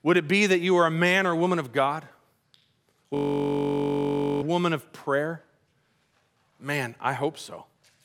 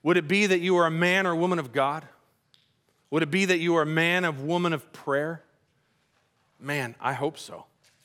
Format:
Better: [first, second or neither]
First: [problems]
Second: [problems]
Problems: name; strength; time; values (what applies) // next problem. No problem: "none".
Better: second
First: audio freezing; at 3 s for 1.5 s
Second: none